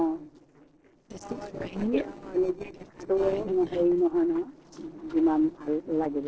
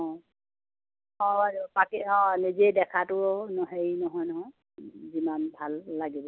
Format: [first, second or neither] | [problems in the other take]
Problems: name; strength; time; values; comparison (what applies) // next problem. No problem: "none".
second | noise reduction (neural separator model SepFormer DNS4)